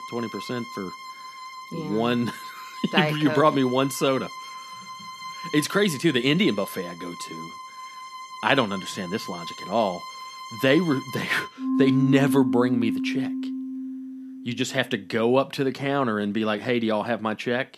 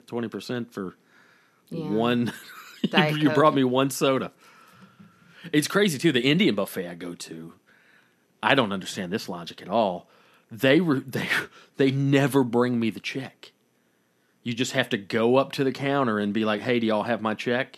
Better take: second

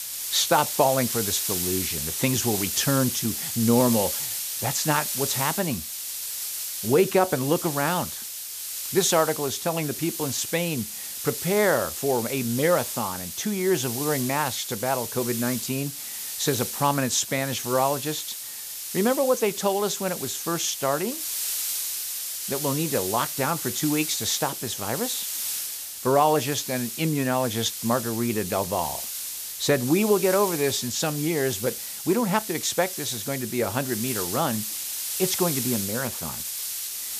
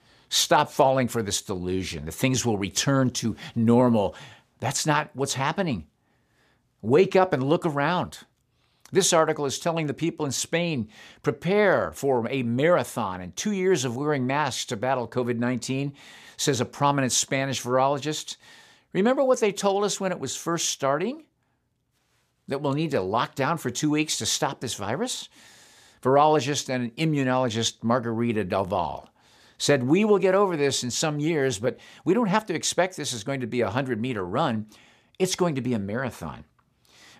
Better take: second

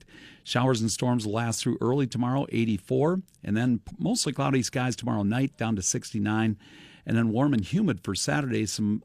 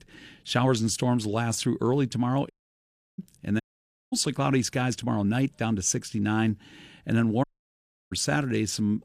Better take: first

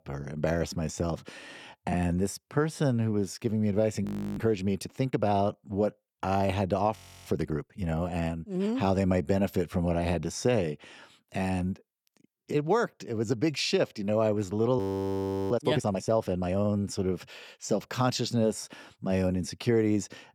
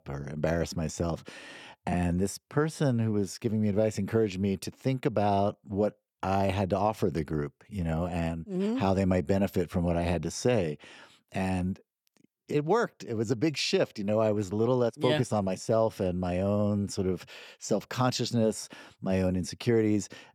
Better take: second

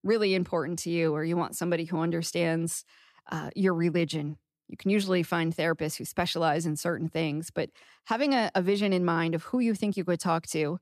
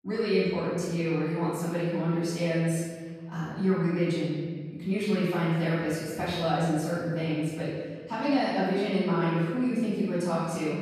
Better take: first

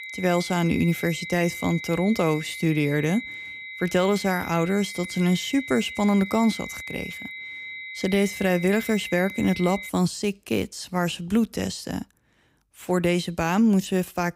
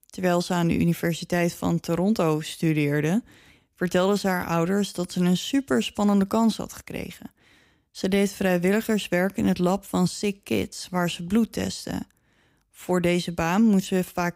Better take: second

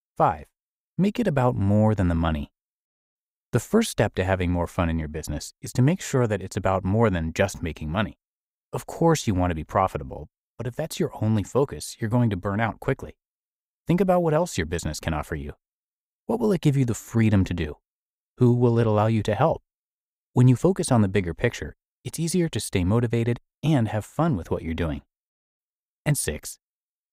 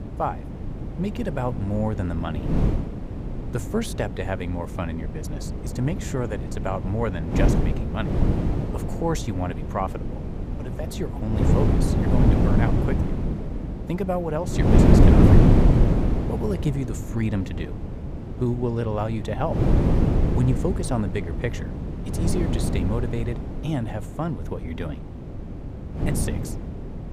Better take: first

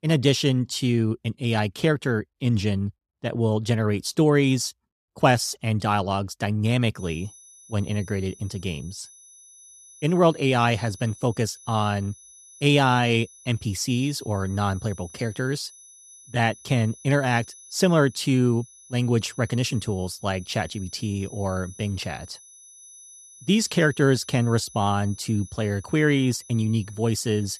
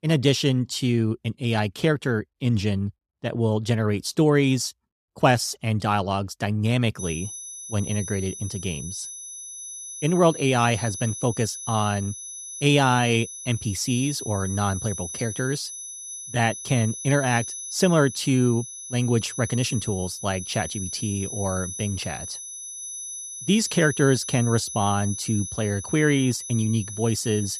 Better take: first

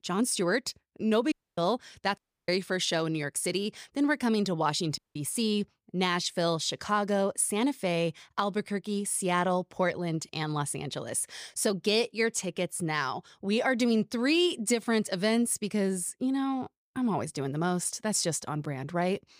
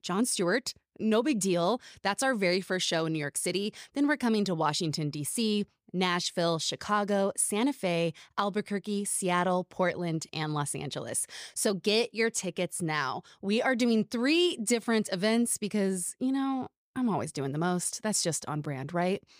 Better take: second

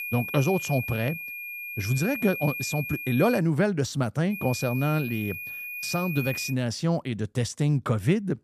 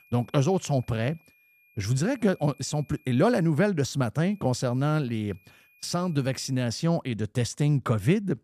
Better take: second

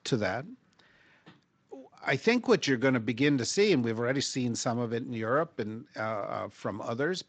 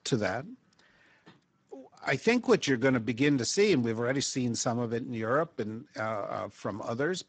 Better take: first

